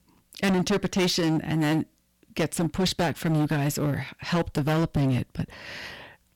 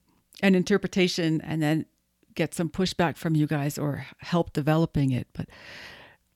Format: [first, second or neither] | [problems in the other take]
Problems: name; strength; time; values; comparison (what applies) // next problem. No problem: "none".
second | distortion; heavy; 15% of the sound clipped